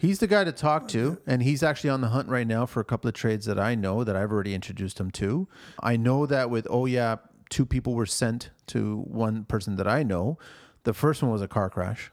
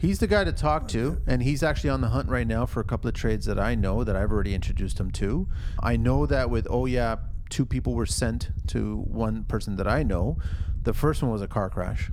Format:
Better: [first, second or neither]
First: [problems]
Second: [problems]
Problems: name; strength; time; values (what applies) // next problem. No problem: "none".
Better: first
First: none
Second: low rumble; faint; throughout; 20 dB below the speech